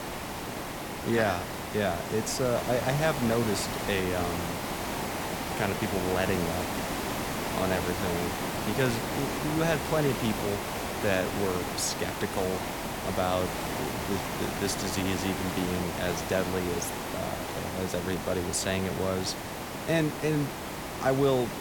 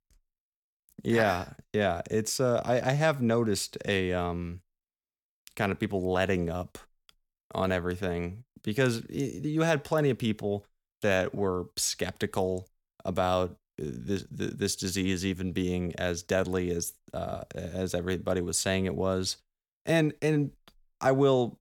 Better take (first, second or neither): second